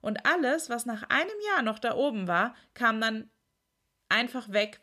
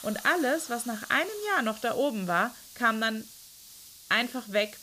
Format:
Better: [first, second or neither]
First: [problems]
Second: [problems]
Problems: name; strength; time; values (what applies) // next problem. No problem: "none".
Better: first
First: none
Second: hiss; noticeable; throughout; 15 dB below the speech